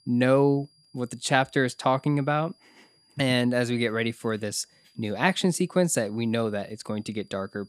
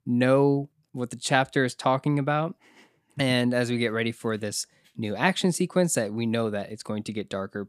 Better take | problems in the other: second | high-pitched whine; faint; throughout; 5 kHz, 35 dB below the speech

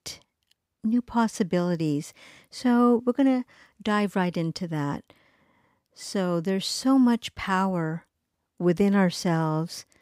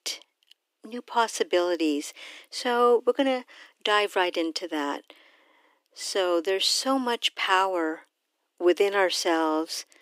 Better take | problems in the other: first | thin; very; fading below 300 Hz

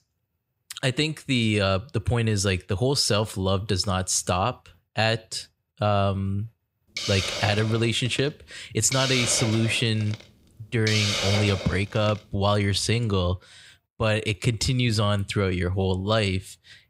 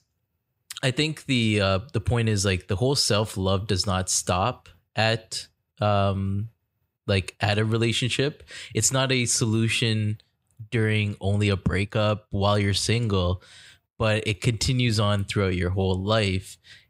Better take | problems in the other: second | hiss; loud; from 7 to 12 s; 4 dB below the speech

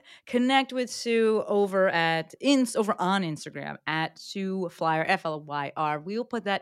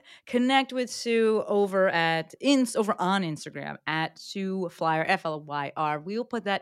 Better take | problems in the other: neither | none

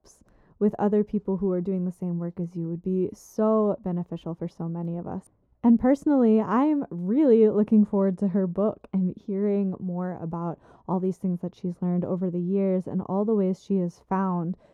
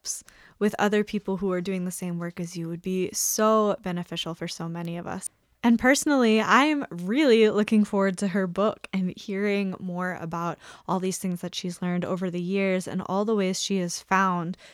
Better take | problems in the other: second | muffled; very; fading above 1 kHz

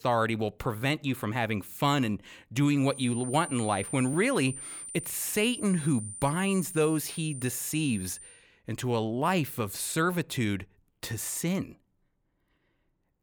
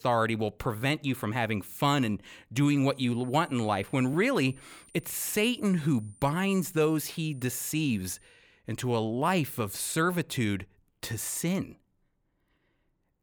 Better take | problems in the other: second | high-pitched whine; loud; from 3 to 8.5 s; 9 kHz, 10 dB below the speech; faint in the second

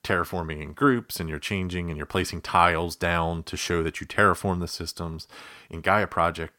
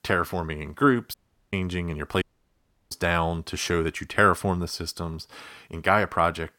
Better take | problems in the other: first | audio cutting out; at 1 s and at 2 s for 0.5 s

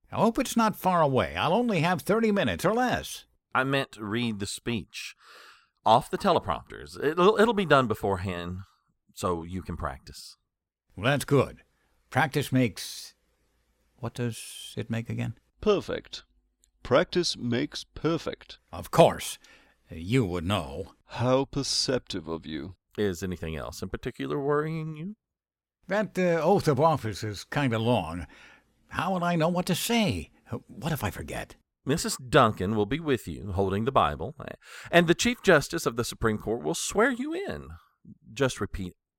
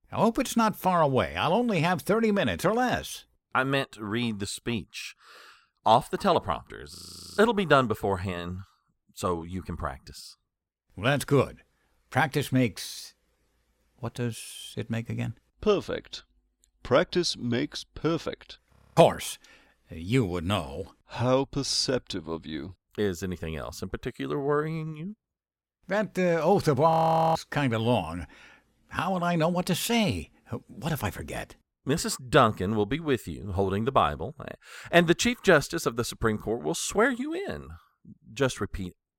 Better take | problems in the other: first | audio freezing; at 7 s, at 19 s and at 27 s

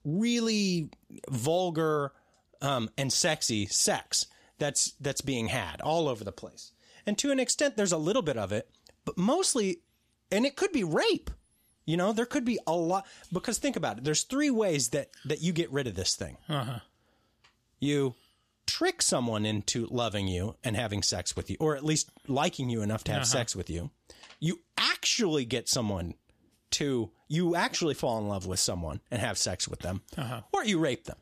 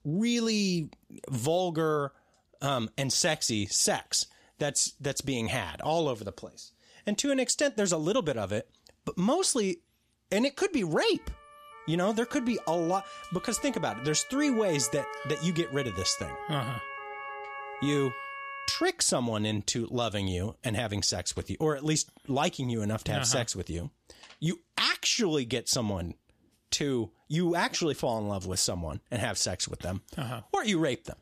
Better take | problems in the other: first | siren; noticeable; from 11 to 19 s; peak 9 dB below the speech

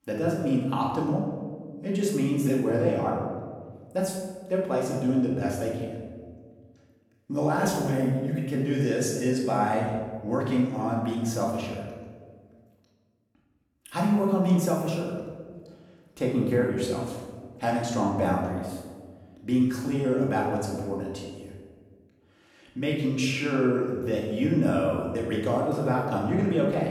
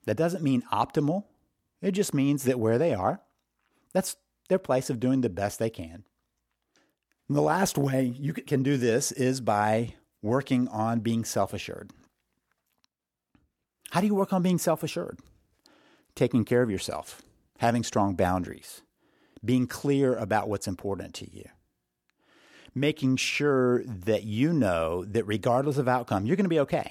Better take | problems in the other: second | off-mic speech; far // room echo; noticeable; dies away in 1.3 s

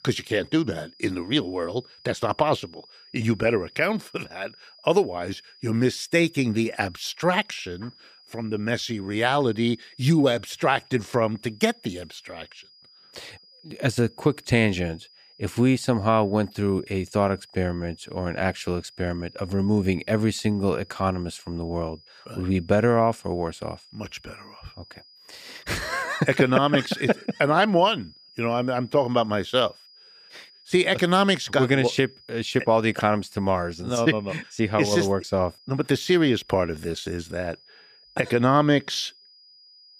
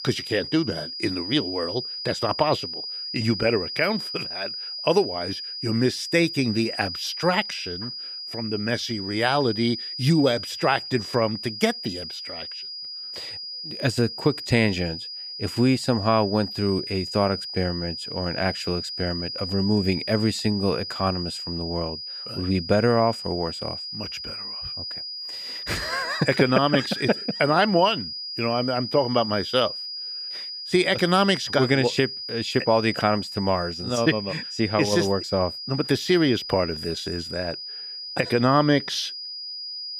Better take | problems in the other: first | high-pitched whine; loud; throughout; 5 kHz, 7 dB below the speech; faint in the first

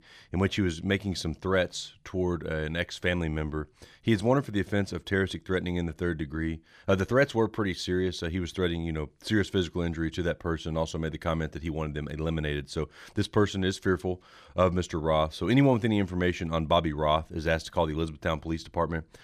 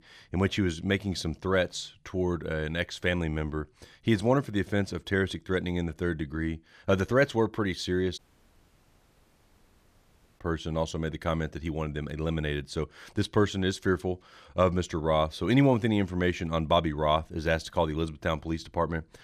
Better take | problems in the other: first | audio cutting out; at 8 s for 2 s

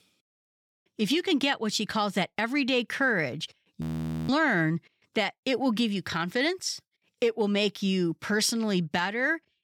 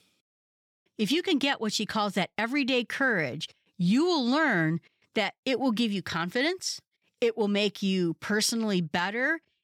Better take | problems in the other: second | audio freezing; at 4 s

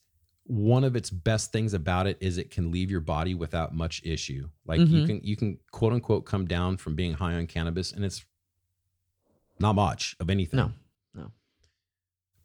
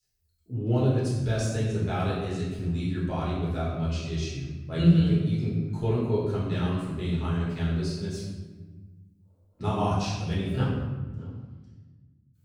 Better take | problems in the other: first | room echo; strong; dies away in 1.3 s // off-mic speech; far

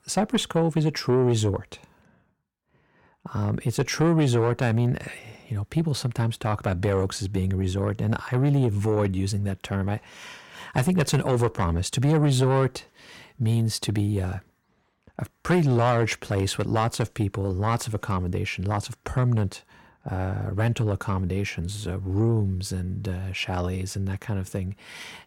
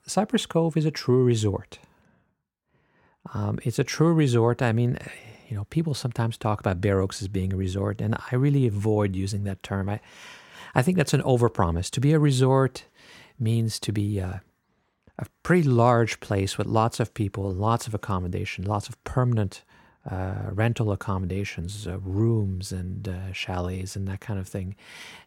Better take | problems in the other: second | distortion; slight; 10 dB below the speech

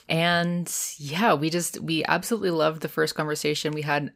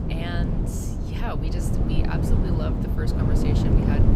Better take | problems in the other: first | wind noise on the microphone; heavy; 3 dB above the speech

